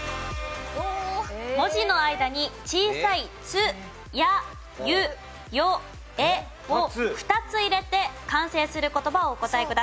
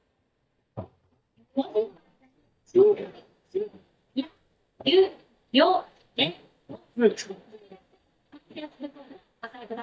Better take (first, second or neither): first